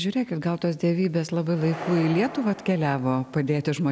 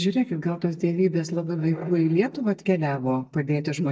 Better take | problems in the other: first | noise reduction (neural mask model DeepFilterNet 3)

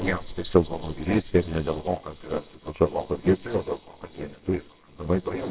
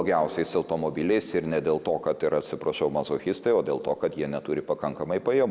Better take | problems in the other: second | noise reduction (neural separator model SepFormer WHAMR!)

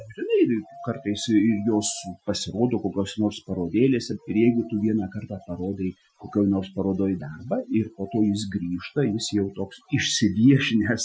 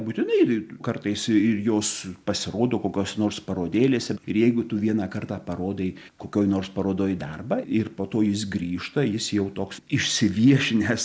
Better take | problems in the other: second | noise reduction (classical method Wiener filter)

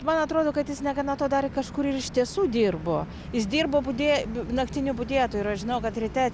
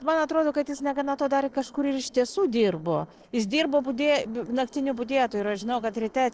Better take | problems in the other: first | noise reduction (neural separator model SepFormer DNS4)

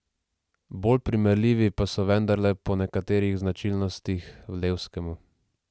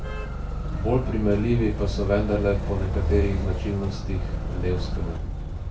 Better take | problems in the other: first | background sound (Motor vehicle (road)); 1 dB below the speech // room echo; dies away in 0.3 s

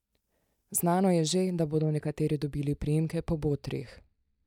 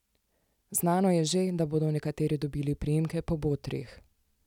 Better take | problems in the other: second | noise reduction (neural mask model DeepFilterNet 3)

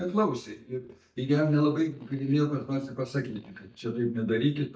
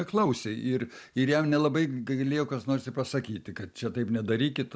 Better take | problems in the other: second | noise reduction (neural mask model DeepFilterNet 3)

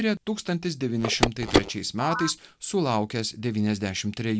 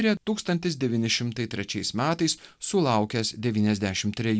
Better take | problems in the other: second | background sound (Telephone); 1 dB below the speech

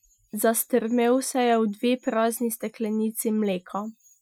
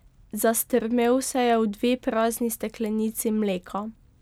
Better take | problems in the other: second | noise reduction (classical method Wiener filter)

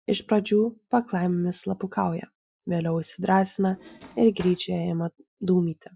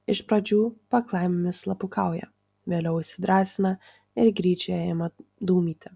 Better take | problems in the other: second | noise reduction (classical method Wiener filter)

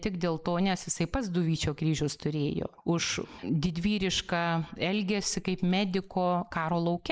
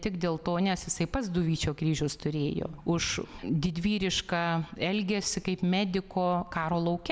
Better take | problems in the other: second | noise reduction (neural mask model Resemble Enhance denoiser)

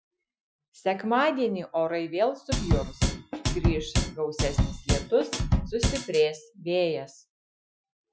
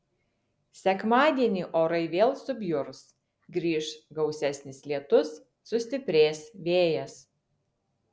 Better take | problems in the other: second | noise reduction (classical method Wiener filter)

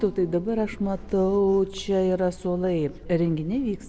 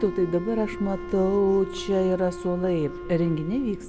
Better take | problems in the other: first | background sound (Wind instrument, woodwind instrument); 12 dB below the speech

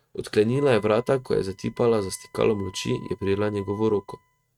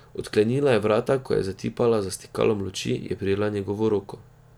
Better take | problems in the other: second | noise reduction (neural mask model RNNoise)

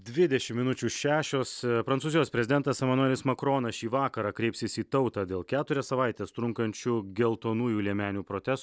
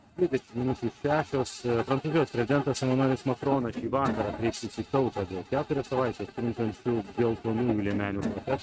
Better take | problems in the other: first | noise reduction (neural mask model RNNoise)

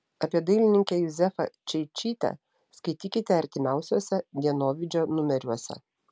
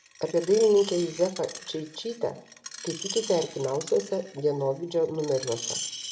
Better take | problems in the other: first | background sound (Screech); 12 dB below the speech // room echo; dies away in 0.5 s

